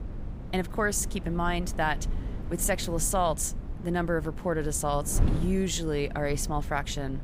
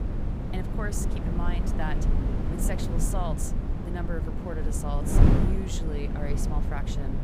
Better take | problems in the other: first | wind noise on the microphone; heavy; as loud as the speech; occasional gusts in the first

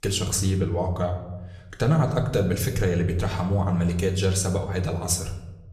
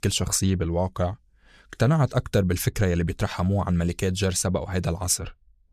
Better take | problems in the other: second | room echo; slight; dies away in 0.8 s

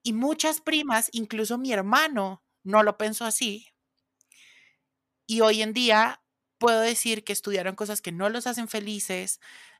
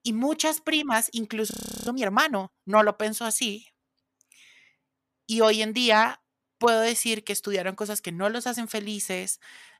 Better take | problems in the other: first | audio freezing; at 1.5 s

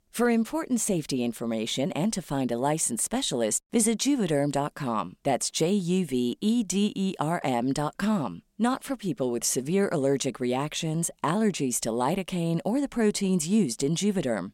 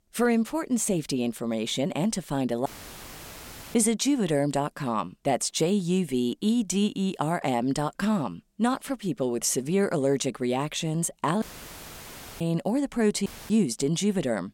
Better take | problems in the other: first | audio cutting out; filled with static; at 2.5 s for 1 s, at 11 s for 1 s and at 13 s

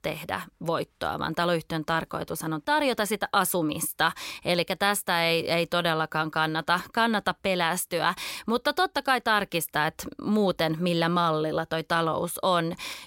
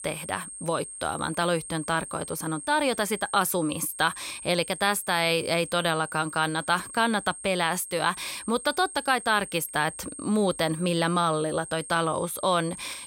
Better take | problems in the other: first | high-pitched whine; noticeable; throughout; 8.5 kHz, 10 dB below the speech

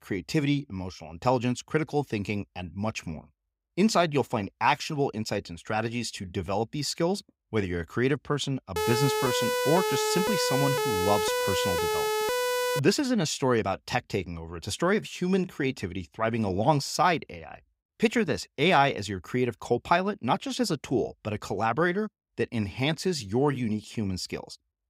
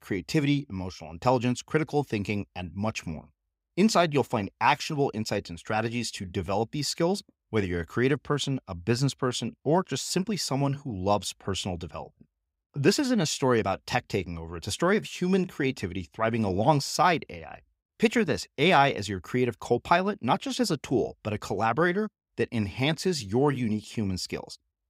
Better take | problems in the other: second | siren; loud; from 9 to 13 s; peak 1 dB above the speech

